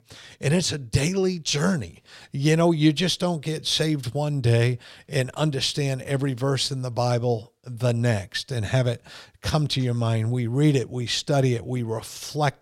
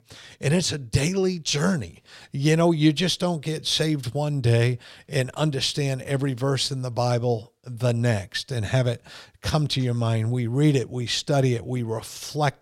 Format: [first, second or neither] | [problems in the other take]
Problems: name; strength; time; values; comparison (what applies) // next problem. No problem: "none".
neither | none